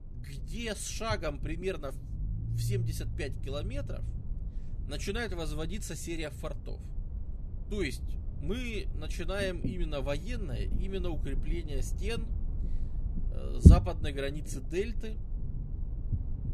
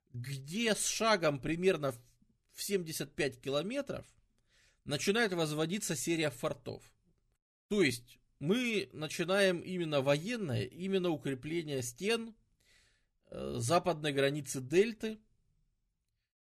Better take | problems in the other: second | low rumble; loud; throughout; 7 dB below the speech

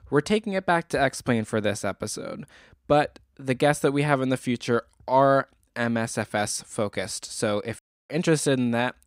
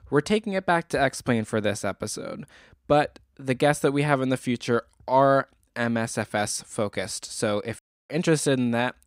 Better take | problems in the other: neither | audio cutting out; at 8 s; the same in both

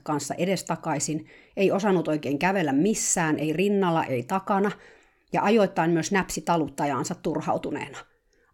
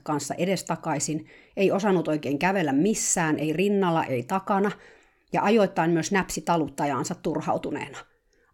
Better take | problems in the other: neither | none

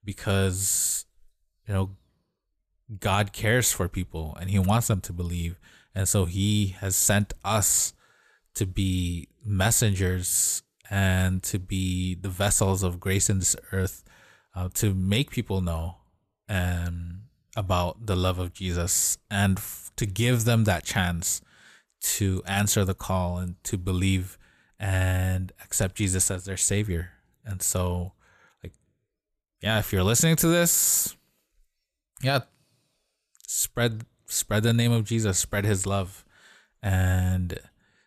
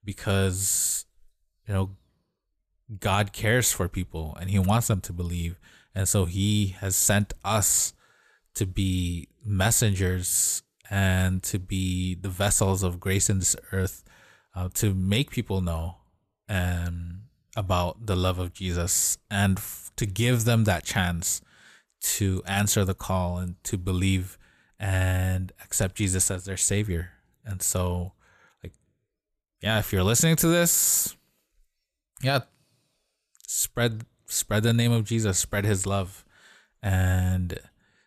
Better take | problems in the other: neither | none

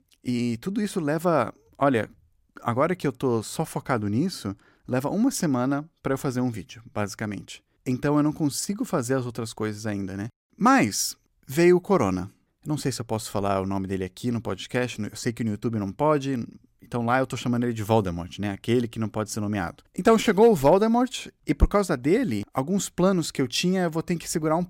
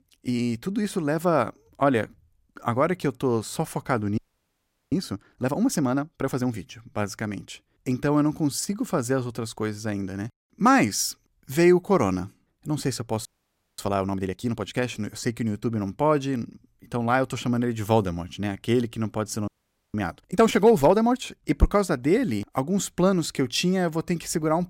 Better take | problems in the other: first | audio freezing; at 4 s for 0.5 s, at 13 s for 0.5 s and at 19 s

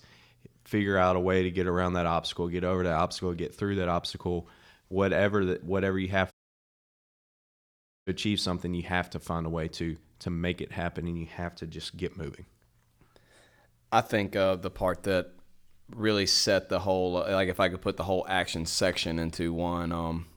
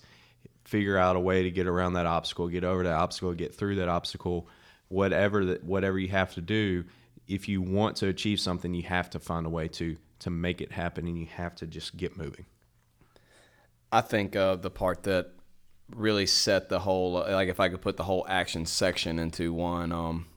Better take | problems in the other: second | audio cutting out; at 6.5 s for 1.5 s

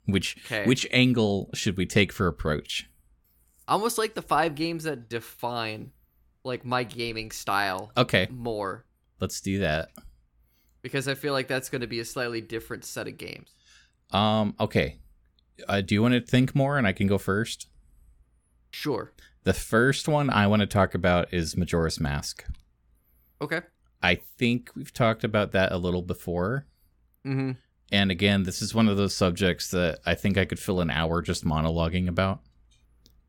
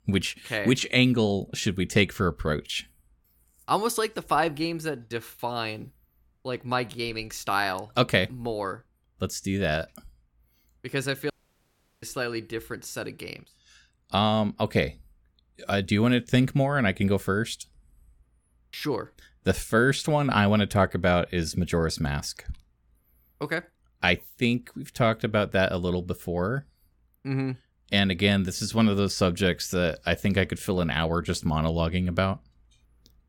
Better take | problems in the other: first | audio cutting out; at 11 s for 0.5 s

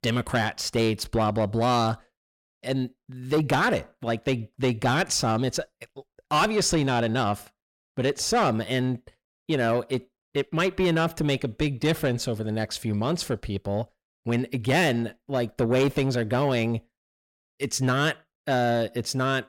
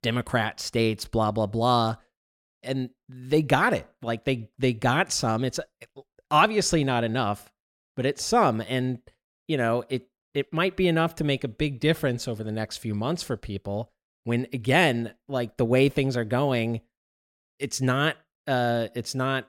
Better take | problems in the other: second | distortion; slight; 10 dB below the speech

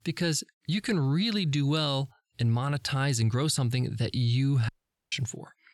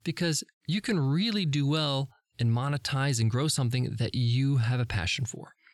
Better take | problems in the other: second | audio cutting out; at 4.5 s

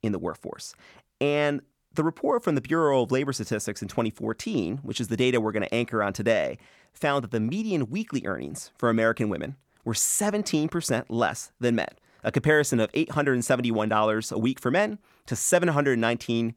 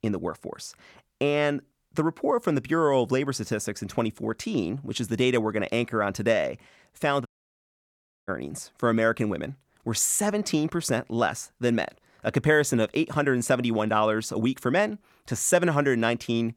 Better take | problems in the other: first | audio cutting out; at 7.5 s for 1 s

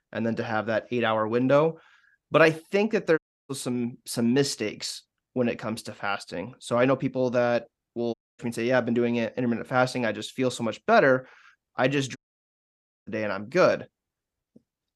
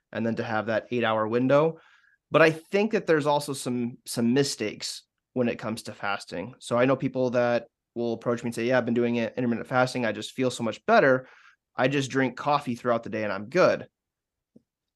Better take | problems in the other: second | audio cutting out; at 3 s, at 8 s and at 12 s for 1 s

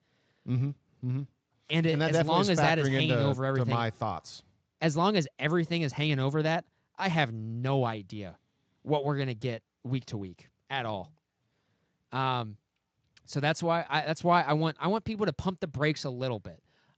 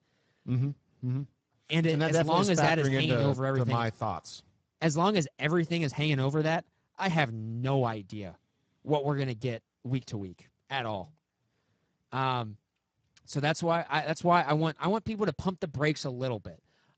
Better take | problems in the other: first | garbled, watery; badly; nothing above 7.5 kHz; slightly in the first

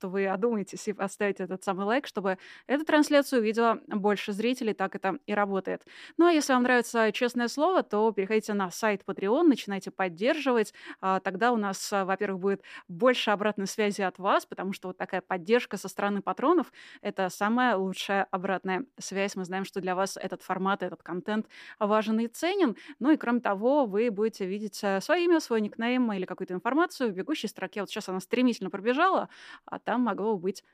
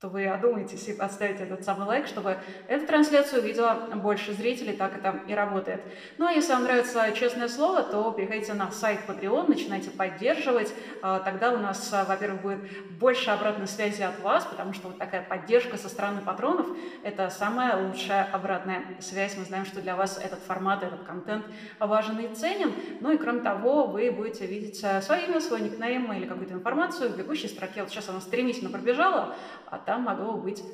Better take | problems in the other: first | room echo; slight; dies away in 1.1 s

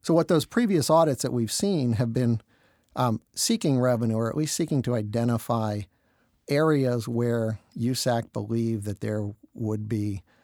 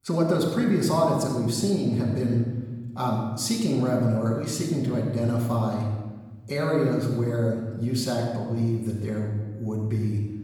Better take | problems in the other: first | off-mic speech; far // room echo; noticeable; dies away in 1.2 s

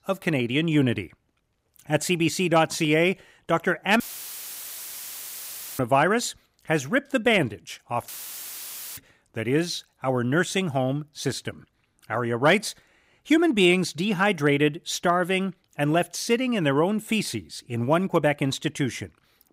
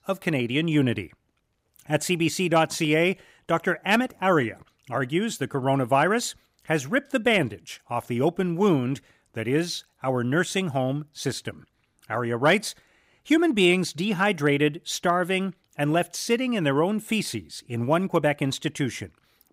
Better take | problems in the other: second | audio cutting out; filled with static; at 4 s for 2 s and at 8 s for 1 s

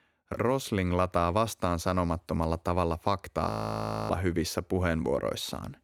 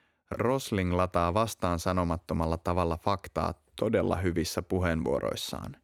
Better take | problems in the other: second | audio freezing; at 3.5 s for 0.5 s

